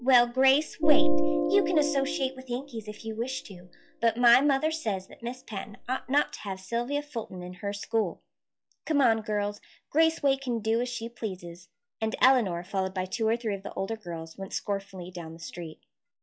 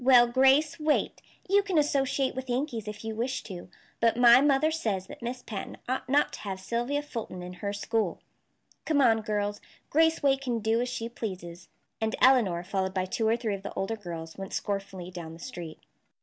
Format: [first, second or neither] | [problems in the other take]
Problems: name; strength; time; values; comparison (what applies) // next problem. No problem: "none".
second | noise reduction (classical method log-MMSE)